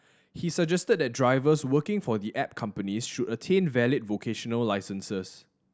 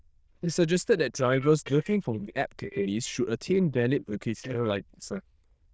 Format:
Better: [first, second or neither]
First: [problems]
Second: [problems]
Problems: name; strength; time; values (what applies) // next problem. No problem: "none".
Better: first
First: none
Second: noise reduction (neural diffusion model UNIVERSE++)